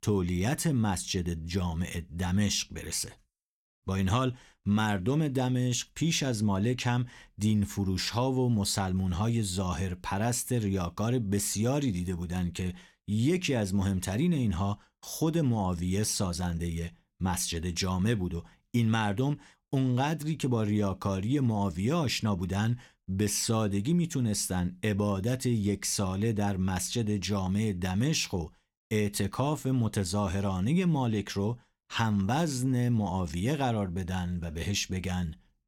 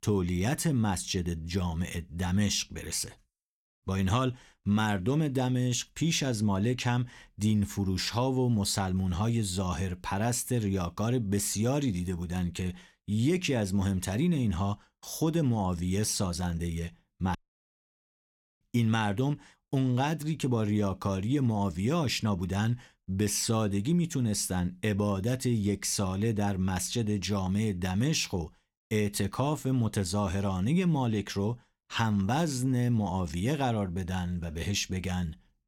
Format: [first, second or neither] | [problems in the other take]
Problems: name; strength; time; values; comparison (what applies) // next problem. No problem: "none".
first | audio cutting out; at 17 s for 1.5 s